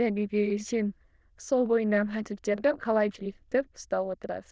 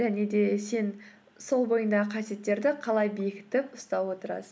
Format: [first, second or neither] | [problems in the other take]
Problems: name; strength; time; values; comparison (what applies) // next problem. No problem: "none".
second | noise reduction (neural diffusion model UNIVERSE++)